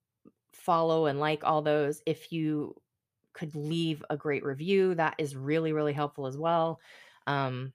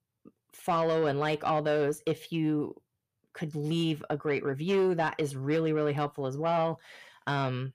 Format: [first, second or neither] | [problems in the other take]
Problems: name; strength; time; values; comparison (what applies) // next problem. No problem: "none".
first | distortion; slight; 10 dB below the speech